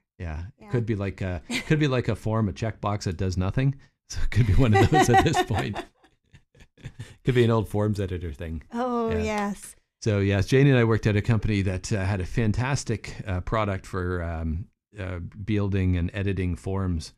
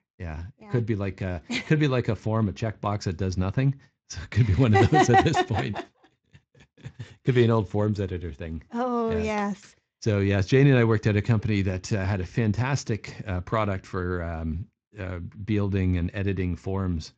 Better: first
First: none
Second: garbled, watery; slightly; nothing above 7.5 kHz

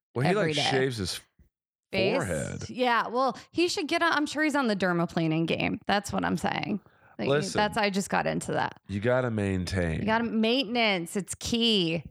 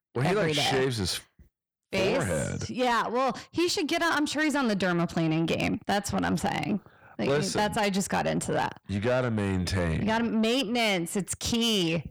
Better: first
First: none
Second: distortion; slight; 10 dB below the speech

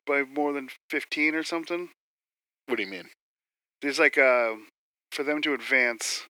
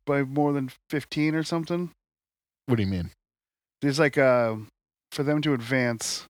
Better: second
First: thin; somewhat; fading below 350 Hz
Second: none

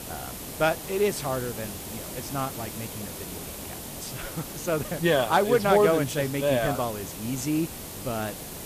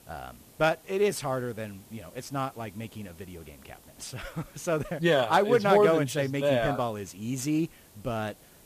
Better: second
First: hiss; loud; throughout; 10 dB below the speech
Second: hiss; faint; throughout; 25 dB below the speech

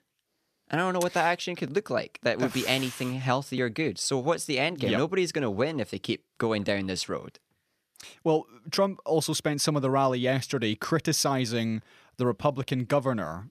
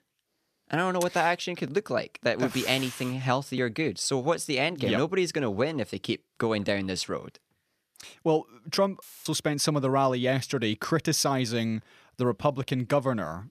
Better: first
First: none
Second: audio cutting out; filled with static; at 9 s

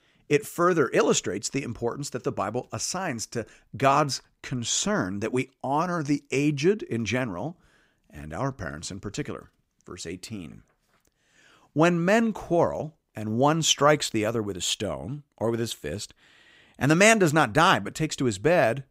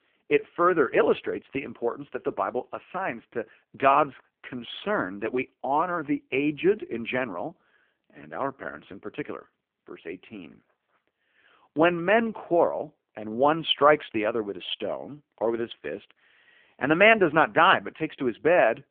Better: first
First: none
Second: phone-call audio; poor line; nothing above 3.5 kHz

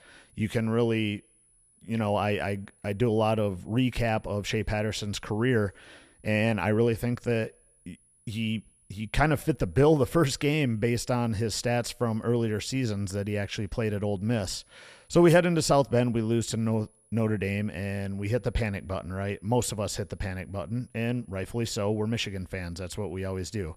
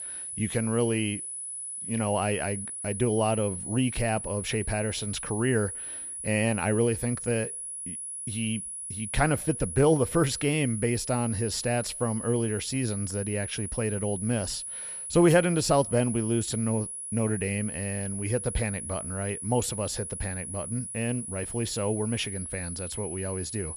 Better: first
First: high-pitched whine; faint; throughout; 10.5 kHz, 35 dB below the speech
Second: high-pitched whine; loud; throughout; 10.5 kHz, 6 dB below the speech

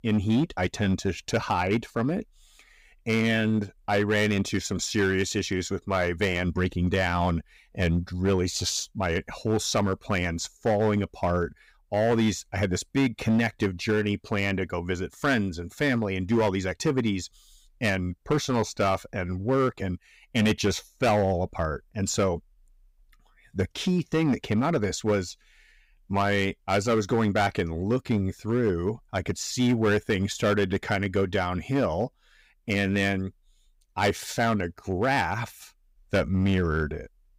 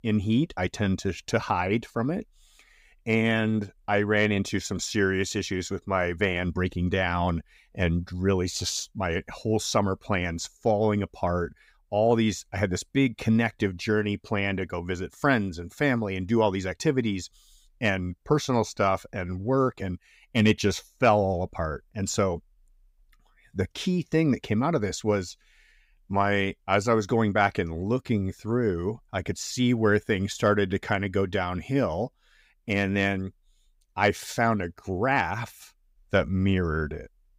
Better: second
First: distortion; slight; 5% of the sound clipped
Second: none

